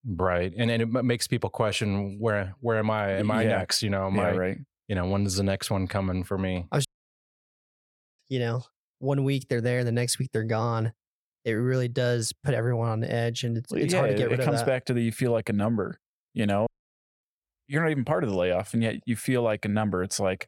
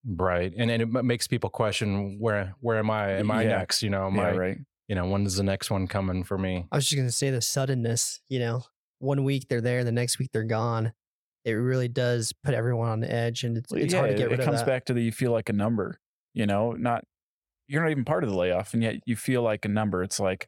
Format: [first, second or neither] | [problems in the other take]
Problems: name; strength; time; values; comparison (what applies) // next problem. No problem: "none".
second | audio cutting out; at 7 s for 1.5 s and at 17 s for 0.5 s